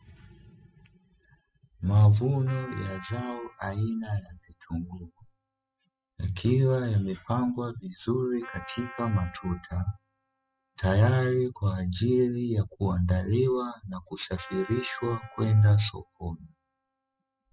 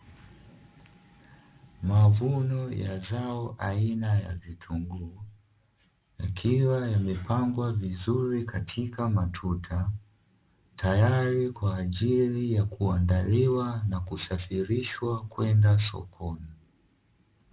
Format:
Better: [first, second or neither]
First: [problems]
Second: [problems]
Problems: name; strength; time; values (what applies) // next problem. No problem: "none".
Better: second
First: noise reduction (classical method spectral subtraction)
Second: none